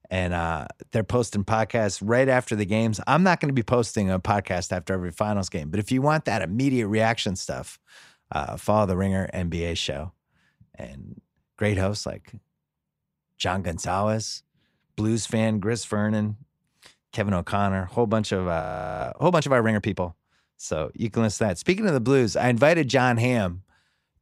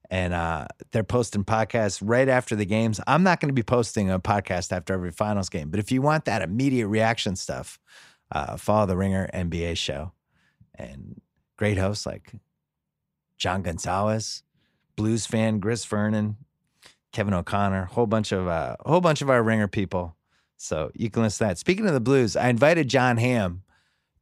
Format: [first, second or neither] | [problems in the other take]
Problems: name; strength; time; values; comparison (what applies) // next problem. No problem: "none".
second | audio freezing; at 19 s